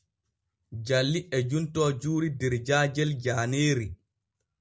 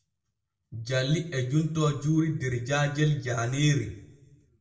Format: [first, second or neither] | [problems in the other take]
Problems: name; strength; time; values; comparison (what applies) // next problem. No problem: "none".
first | room echo; dies away in 0.6 s